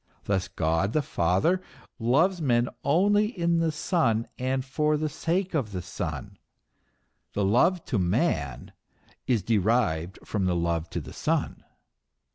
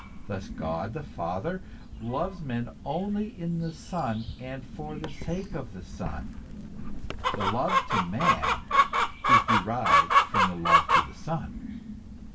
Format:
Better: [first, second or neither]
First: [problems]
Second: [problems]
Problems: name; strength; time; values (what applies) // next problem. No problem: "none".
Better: first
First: none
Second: background sound (Chicken, rooster); 5 dB above the speech // room echo; dies away in 0.2 s